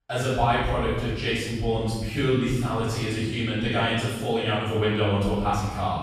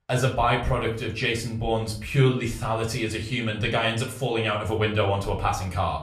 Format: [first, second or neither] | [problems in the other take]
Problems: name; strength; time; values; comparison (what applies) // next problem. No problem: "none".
second | room echo; strong; dies away in 1.5 s; slight in the second // off-mic speech; far; far in the second